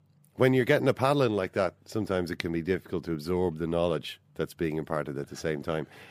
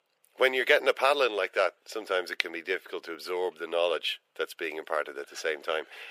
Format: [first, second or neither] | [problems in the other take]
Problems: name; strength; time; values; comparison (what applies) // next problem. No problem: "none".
first | thin; very; fading below 450 Hz